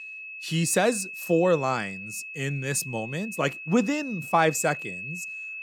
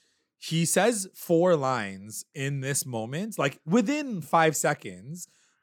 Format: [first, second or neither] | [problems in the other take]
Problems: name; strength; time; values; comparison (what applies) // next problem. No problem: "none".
second | high-pitched whine; loud; throughout; 2.5 kHz, 10 dB below the speech